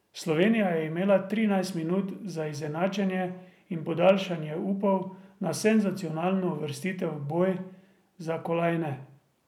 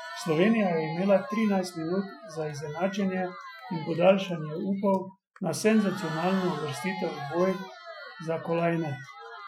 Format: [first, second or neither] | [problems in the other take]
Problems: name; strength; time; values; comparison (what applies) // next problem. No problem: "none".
first | noise reduction (classical method Wiener filter)